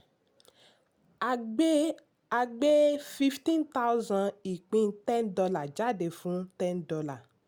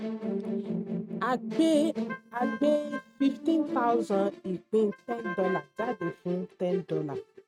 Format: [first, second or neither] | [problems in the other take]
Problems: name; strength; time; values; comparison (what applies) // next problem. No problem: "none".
first | noise reduction (neural mask model RNNoise)